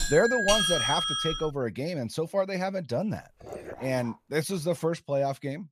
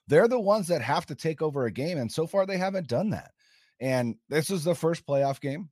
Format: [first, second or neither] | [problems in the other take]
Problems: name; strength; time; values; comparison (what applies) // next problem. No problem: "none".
second | doorbell; loud; until 1.5 s; peak 6 dB above the speech // dog barking; faint; at 3.5 s; peak 10 dB below the speech